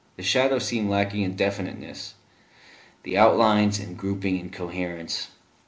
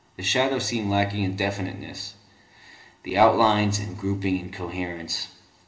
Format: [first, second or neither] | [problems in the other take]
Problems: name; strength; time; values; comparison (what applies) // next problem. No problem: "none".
first | room echo; dies away in 0.7 s